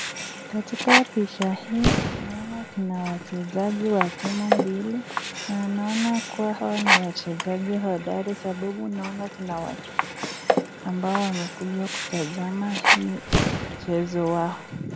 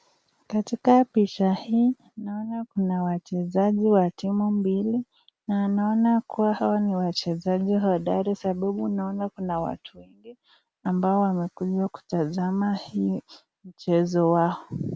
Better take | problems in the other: second | background sound (Boom + Sink (filling or washing)); as loud as the speech

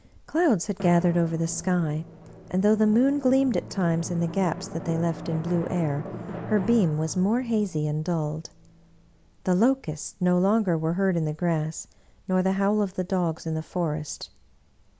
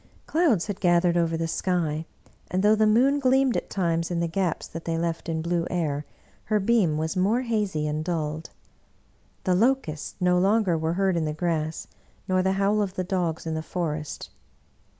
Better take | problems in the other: second | background sound (Drum); 16 dB below the speech

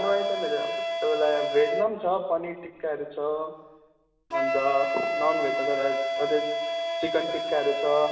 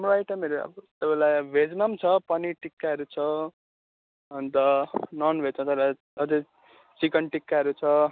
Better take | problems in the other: second | background sound (Wind instrument, woodwind instrument); 2 dB below the speech // room echo; dies away in 1.2 s

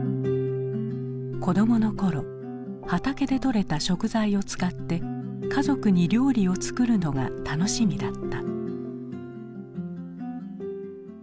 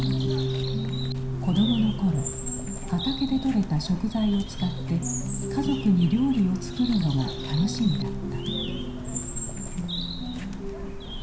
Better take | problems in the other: first | background sound (Bird); 8 dB below the speech // room echo; dies away in 0.5 s

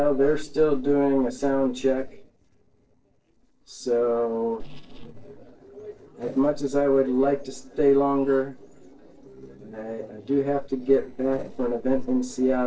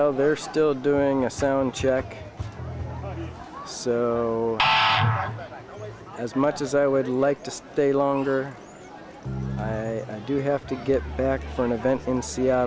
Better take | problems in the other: second | noise reduction (neural separator model SepFormer DNS4)

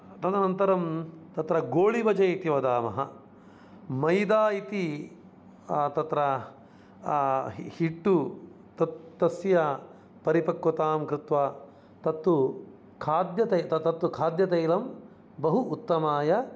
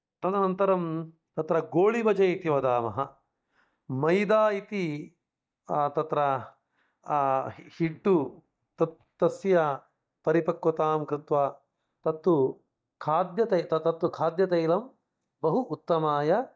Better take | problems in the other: first | noise reduction (neural mask model DeepFilterNet 3)

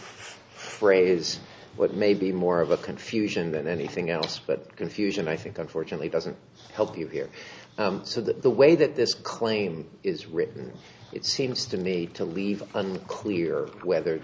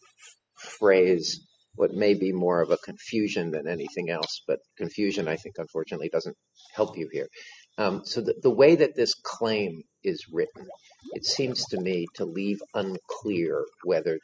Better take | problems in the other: first | noise reduction (classical method spectral subtraction)

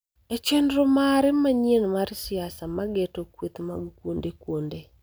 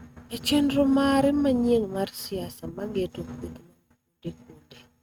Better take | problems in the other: first | noise reduction (neural mask model RNNoise)

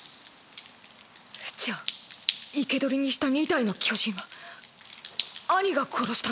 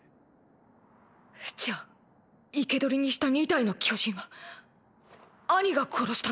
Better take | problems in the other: second | background sound (Drip); 12 dB below the speech

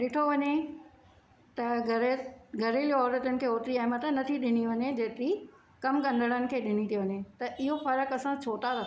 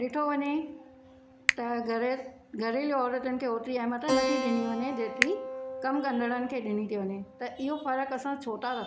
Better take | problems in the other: first | background sound (Keyboard (musical) + Finger snapping); 5 dB below the speech

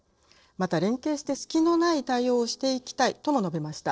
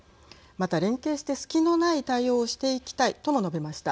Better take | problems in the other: second | noise reduction (neural separator model SepFormer DNS4)

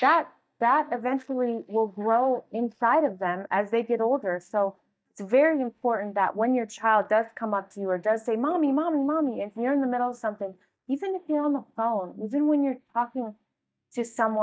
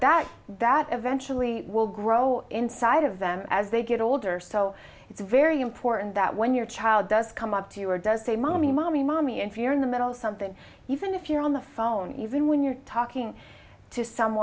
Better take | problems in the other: second | noise reduction (neural mask model DeepFilterNet 3)

